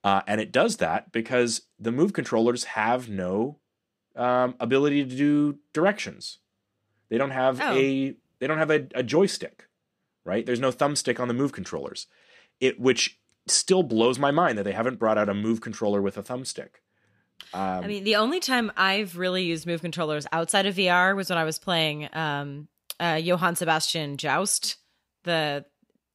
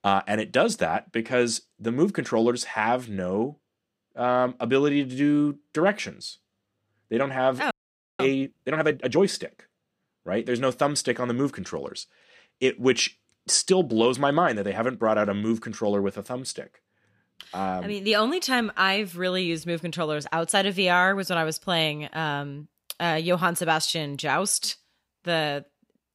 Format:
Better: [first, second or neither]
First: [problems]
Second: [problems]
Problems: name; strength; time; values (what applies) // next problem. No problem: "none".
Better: first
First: none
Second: audio freezing; at 7.5 s